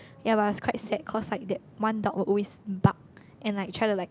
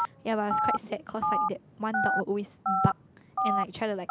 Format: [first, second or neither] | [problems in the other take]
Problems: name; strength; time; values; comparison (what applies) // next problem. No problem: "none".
first | background sound (Telephone); 2 dB above the speech